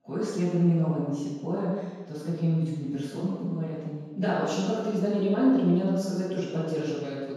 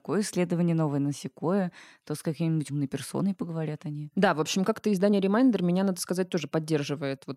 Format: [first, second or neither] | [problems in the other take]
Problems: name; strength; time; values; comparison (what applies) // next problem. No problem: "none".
second | room echo; strong; dies away in 1.2 s // off-mic speech; far